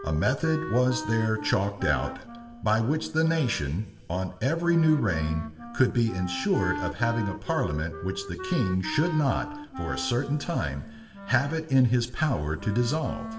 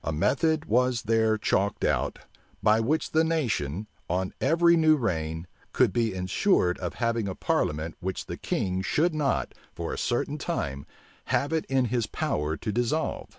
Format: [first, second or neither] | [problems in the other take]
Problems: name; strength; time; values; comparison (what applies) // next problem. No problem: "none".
second | background sound (Wind instrument, woodwind instrument); 12 dB below the speech // room echo; dies away in 1.9 s